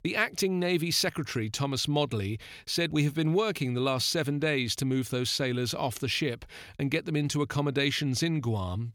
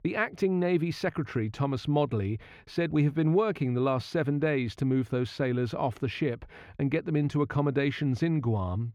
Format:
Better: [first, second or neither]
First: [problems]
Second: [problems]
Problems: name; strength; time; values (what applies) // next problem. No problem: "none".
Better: first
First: none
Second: muffled; very; fading above 3 kHz